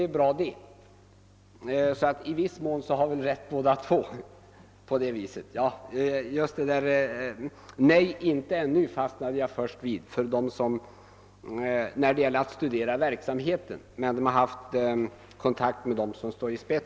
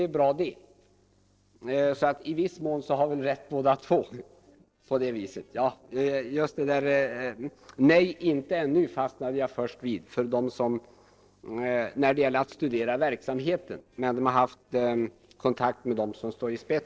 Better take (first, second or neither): first